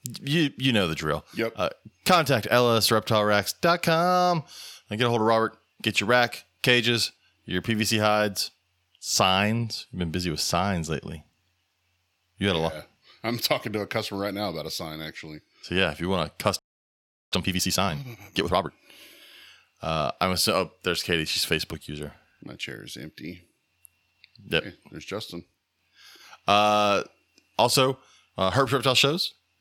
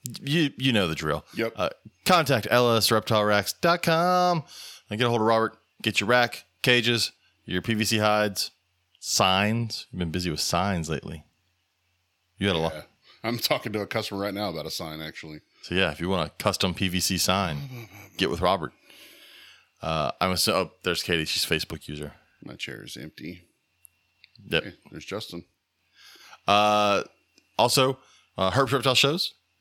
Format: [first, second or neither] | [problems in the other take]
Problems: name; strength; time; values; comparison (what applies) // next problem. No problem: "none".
second | audio freezing; at 17 s for 0.5 s